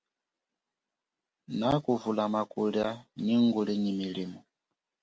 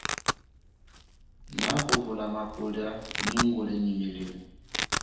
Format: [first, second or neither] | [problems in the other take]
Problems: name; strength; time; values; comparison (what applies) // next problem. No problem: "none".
first | background sound (Domestic sounds, home sounds); 1 dB below the speech // room echo; dies away in 0.9 s